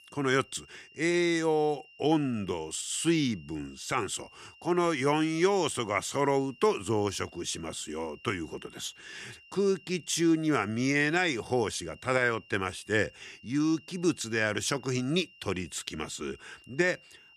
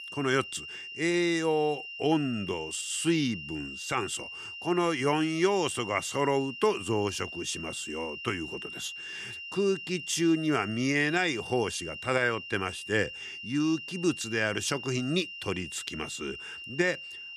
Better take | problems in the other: first | high-pitched whine; loud; throughout; 3 kHz, 9 dB below the speech; faint in the first

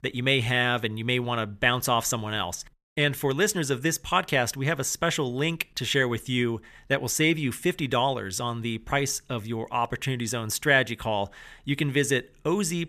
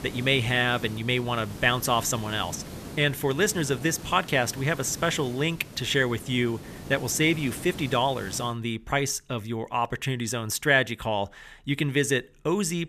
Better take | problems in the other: first | hiss; noticeable; until 8.5 s; 15 dB below the speech

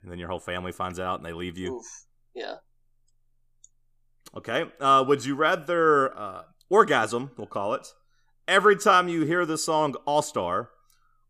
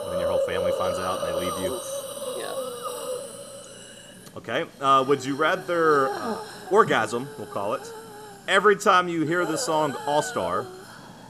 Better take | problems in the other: first | hiss; loud; throughout; 8 dB below the speech

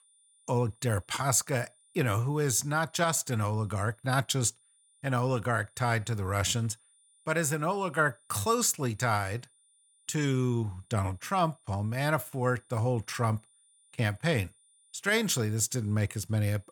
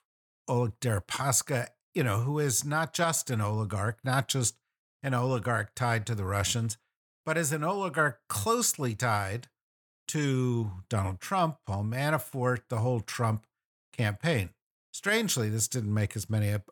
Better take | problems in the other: second | high-pitched whine; faint; throughout; 9.5 kHz, 30 dB below the speech

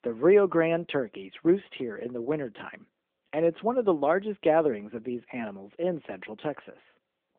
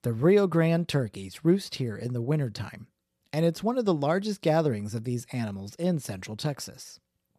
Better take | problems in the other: second | phone-call audio; nothing above 3.5 kHz

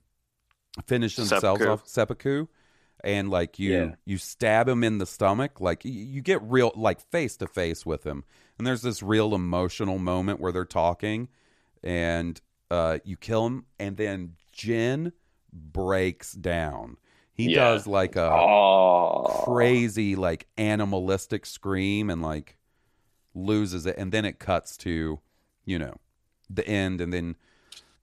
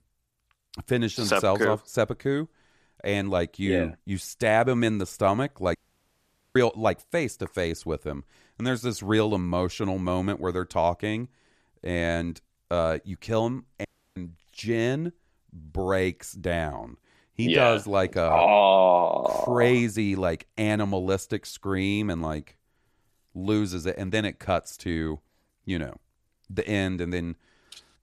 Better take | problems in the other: first | audio cutting out; at 6 s for 1 s and at 14 s

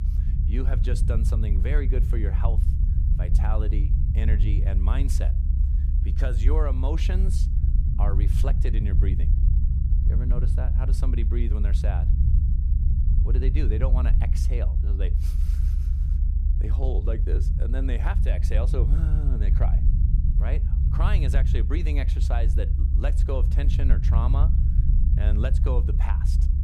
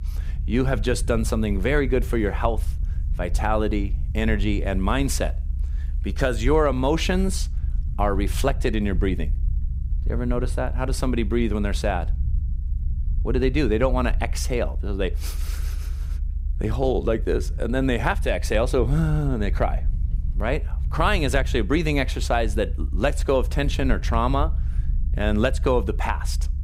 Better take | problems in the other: second | low rumble; loud; throughout; 4 dB below the speech; faint in the second

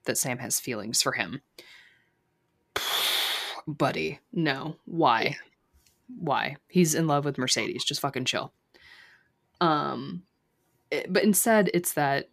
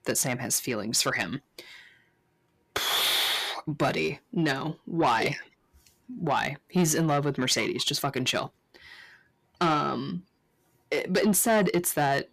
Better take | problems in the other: first | distortion; slight; 10 dB below the speech

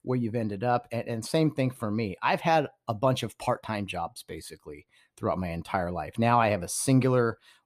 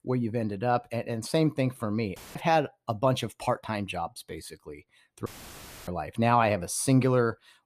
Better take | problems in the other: first | audio cutting out; filled with static; at 2 s and at 5.5 s for 0.5 s

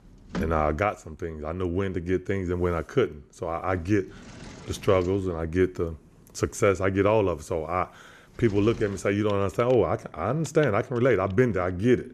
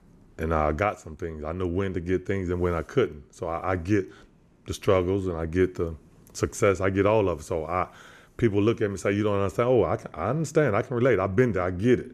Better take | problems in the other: second | household noises; noticeable; throughout; 15 dB below the speech

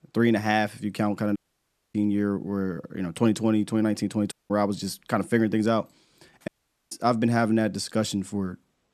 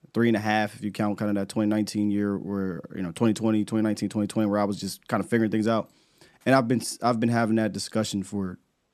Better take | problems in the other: second | audio cutting out; at 1.5 s for 0.5 s, at 4.5 s and at 6.5 s

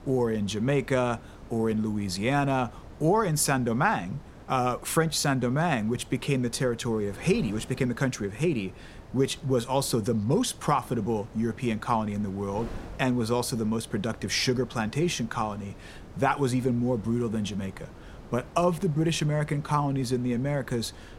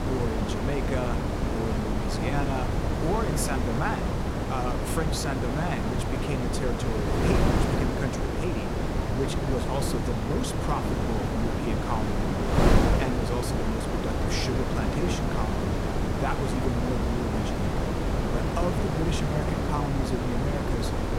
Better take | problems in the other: first | wind noise on the microphone; heavy; 3 dB above the speech; occasional gusts in the first

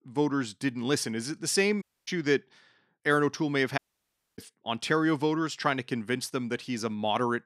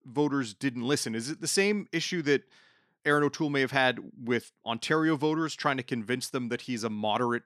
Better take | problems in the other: second | audio cutting out; at 2 s and at 4 s for 0.5 s

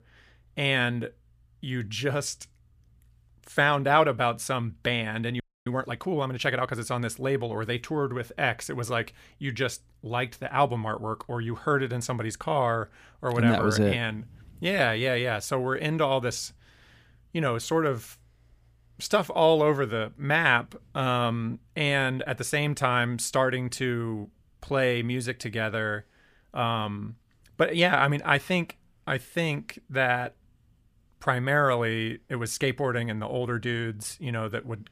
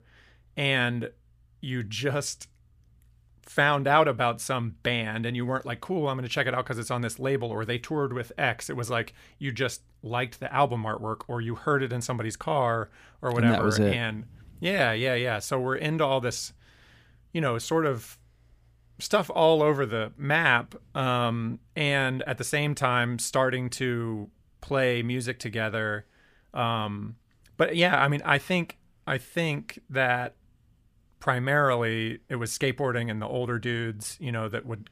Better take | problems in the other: second | audio freezing; at 5.5 s

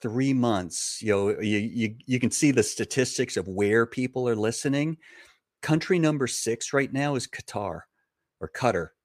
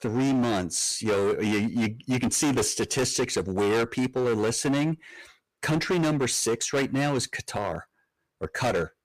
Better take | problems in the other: first | distortion; heavy; 18% of the sound clipped

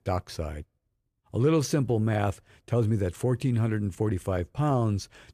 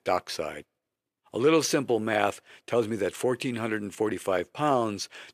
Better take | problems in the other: first | thin; somewhat; fading below 350 Hz

